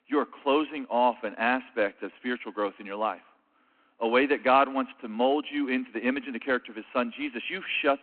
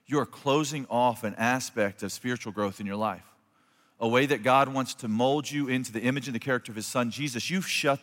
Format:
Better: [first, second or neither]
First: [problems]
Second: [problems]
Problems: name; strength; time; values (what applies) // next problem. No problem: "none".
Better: second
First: phone-call audio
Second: none